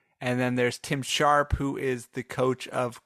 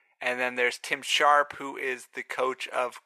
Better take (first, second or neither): first